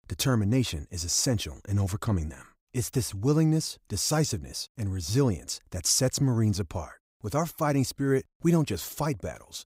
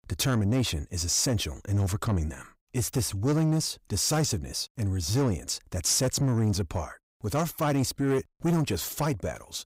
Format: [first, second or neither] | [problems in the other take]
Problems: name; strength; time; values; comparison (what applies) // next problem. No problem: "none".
first | distortion; slight; 10 dB below the speech